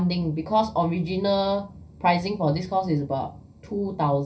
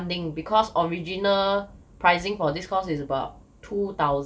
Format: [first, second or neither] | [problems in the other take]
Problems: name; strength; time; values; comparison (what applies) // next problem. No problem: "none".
second | room echo; dies away in 0.4 s